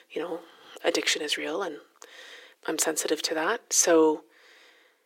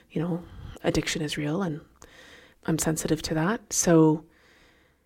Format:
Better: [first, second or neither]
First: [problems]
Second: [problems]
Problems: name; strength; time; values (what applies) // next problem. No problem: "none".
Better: second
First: thin; very; fading below 400 Hz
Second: none